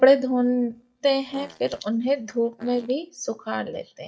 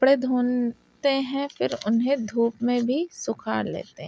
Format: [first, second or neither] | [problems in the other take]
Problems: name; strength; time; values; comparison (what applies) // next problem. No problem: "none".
second | noise reduction (neural mask model DeepFilterNet 3)